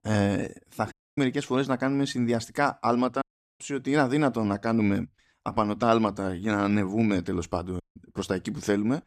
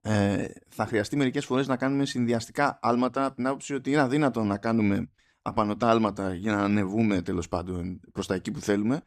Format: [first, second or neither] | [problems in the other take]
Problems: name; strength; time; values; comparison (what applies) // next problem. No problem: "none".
second | audio cutting out; at 1 s, at 3 s and at 8 s